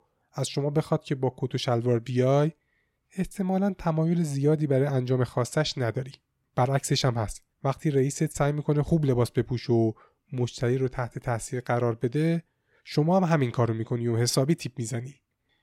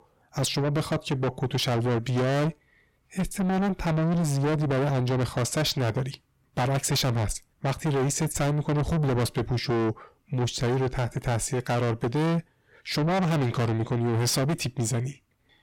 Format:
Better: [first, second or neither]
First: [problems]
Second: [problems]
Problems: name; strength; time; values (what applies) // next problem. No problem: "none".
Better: first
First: none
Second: distortion; heavy; 6 dB below the speech